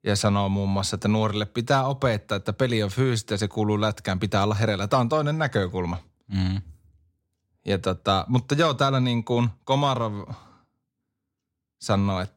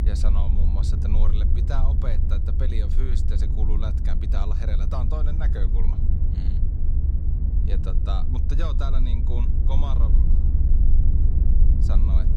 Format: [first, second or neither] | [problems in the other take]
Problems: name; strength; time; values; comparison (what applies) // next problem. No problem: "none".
first | low rumble; loud; throughout; 2 dB below the speech